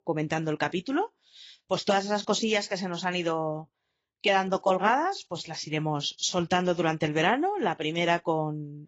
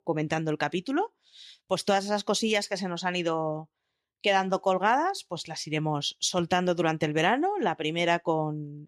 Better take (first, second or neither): second